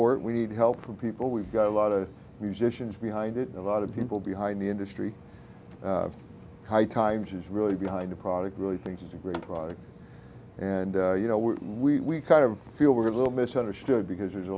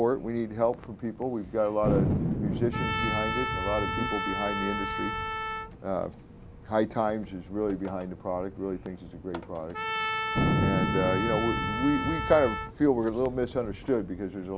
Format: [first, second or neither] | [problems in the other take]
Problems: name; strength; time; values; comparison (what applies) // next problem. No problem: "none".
first | background sound (Thunder + Trumpet); 2 dB below the speech